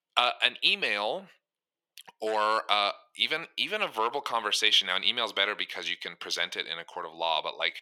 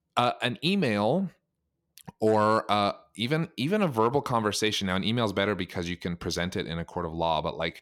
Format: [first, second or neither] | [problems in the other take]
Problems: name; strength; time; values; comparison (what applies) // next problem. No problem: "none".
second | thin; very; fading below 550 Hz